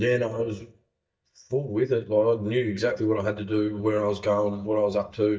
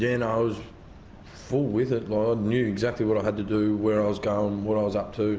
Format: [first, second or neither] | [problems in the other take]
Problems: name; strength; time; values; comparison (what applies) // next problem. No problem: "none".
second | noise reduction (neural mask model DeepFilterNet 3)